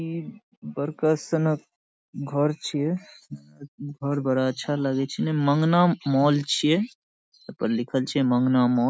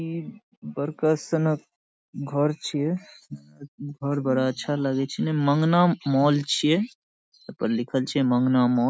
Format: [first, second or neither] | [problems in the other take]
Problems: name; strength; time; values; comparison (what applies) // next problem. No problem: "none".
first | background sound (Brass instrument); 15 dB below the speech